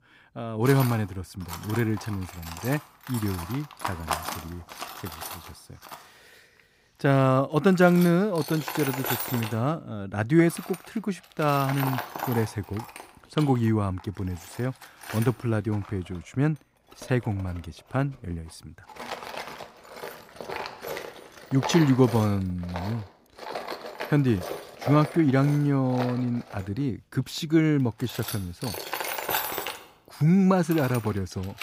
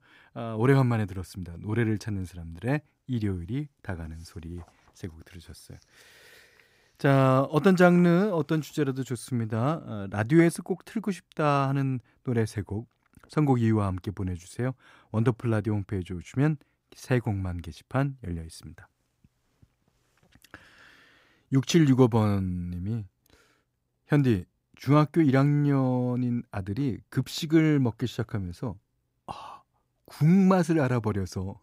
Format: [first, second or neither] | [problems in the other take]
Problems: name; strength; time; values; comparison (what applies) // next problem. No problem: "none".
second | machinery noise; loud; throughout; 10 dB below the speech